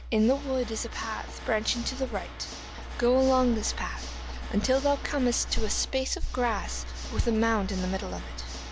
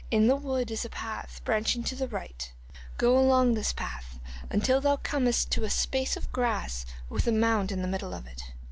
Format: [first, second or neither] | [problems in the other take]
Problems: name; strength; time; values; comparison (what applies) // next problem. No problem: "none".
second | background sound (Water / Mechanisms); 15 dB below the speech